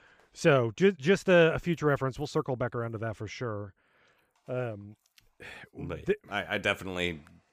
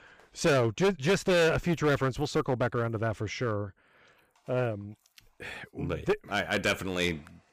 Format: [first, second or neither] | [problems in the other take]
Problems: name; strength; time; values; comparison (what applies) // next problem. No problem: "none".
first | distortion; heavy; 9% of the sound clipped